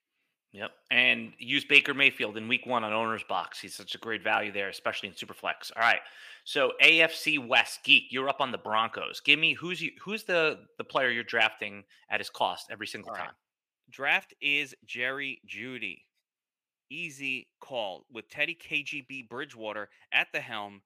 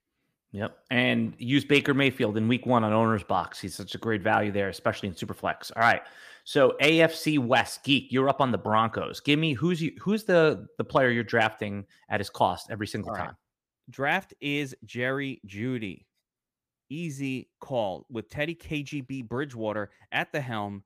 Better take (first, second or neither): second